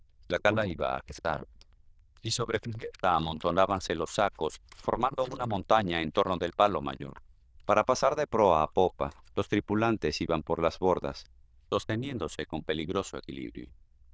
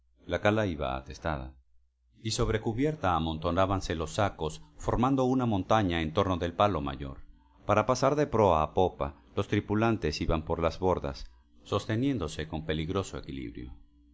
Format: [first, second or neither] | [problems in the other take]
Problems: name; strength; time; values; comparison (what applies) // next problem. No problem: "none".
second | noise reduction (neural diffusion model UNIVERSE++)